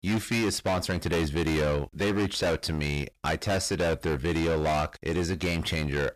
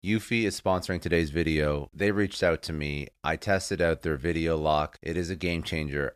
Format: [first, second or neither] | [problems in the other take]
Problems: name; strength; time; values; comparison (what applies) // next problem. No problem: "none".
second | distortion; heavy; 22% of the sound clipped